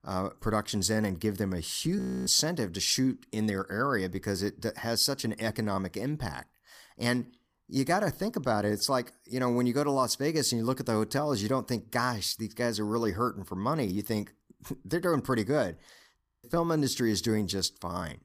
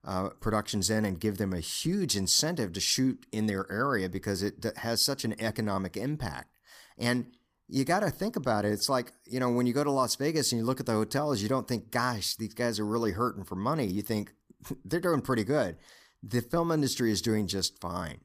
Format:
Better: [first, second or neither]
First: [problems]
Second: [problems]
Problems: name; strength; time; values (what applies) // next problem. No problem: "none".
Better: second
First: audio freezing; at 2 s and at 16 s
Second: none